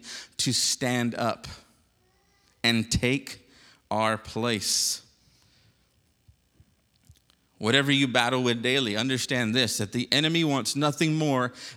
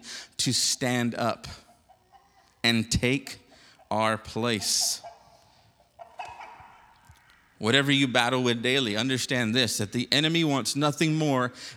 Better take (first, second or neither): first